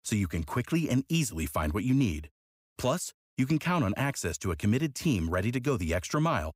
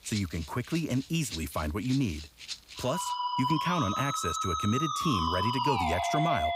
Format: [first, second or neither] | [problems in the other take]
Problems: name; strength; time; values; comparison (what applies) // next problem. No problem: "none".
first | background music; loud; throughout; as loud as the speech